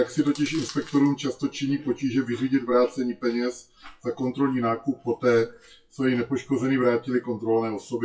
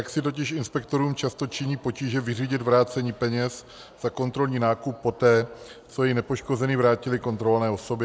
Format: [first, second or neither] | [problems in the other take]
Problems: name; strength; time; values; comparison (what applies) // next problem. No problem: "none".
second | noise reduction (classical method WPE with log-MMSE)